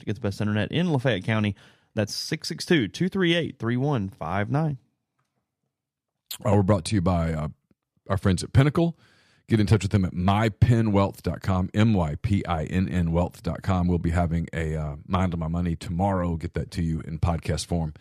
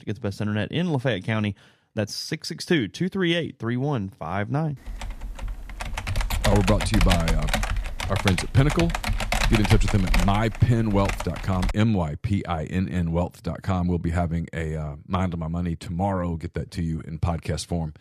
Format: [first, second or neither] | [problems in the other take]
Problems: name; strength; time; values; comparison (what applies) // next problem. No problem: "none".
first | keyboard typing; loud; from 5 to 12 s; peak 2 dB above the speech